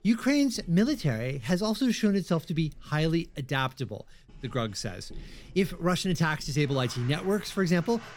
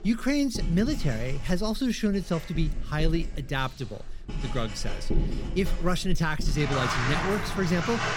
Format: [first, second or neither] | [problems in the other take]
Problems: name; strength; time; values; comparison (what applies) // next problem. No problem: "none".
first | household noises; loud; throughout; 5 dB below the speech; faint in the first